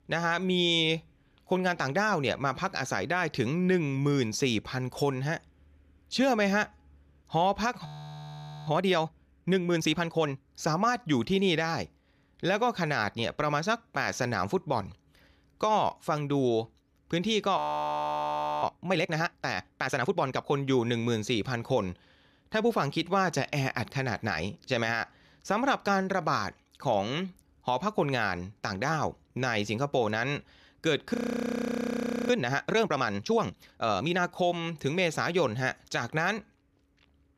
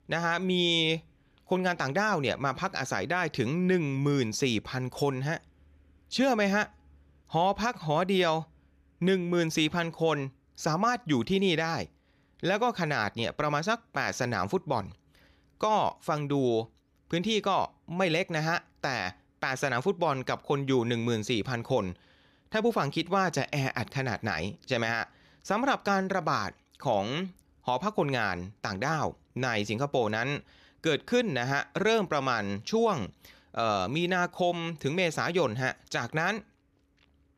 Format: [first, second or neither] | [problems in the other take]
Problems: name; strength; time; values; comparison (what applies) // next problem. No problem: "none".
second | audio freezing; at 8 s for 1 s, at 18 s for 1 s and at 31 s for 1 s